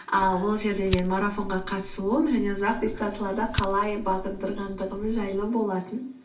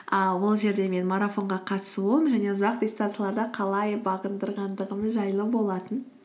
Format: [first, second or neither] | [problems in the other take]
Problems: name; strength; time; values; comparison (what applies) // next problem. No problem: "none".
second | background sound (Fire); 9 dB below the speech // room echo; dies away in 0.3 s